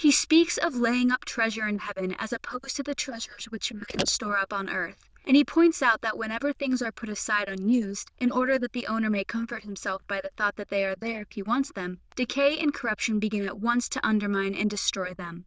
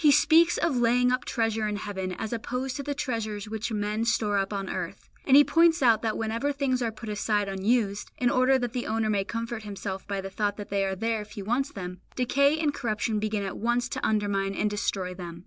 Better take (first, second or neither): second